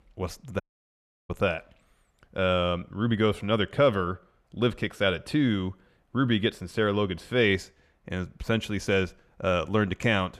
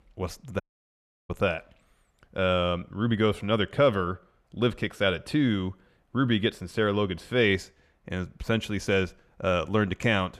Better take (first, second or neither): neither